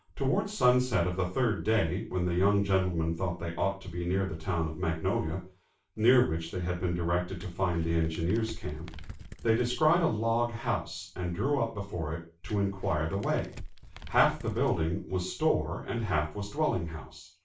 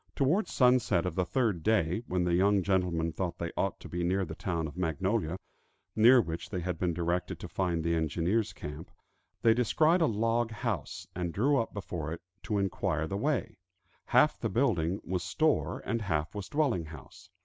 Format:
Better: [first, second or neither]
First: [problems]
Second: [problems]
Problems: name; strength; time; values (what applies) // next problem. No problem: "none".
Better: second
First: background sound (Crumpling, crinkling); 15 dB below the speech // room echo; dies away in 0.3 s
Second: none